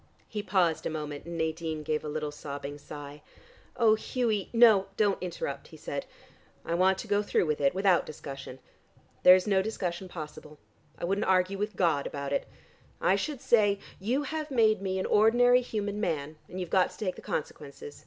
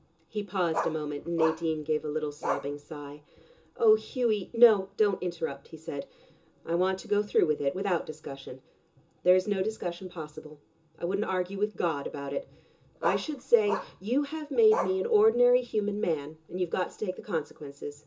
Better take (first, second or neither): first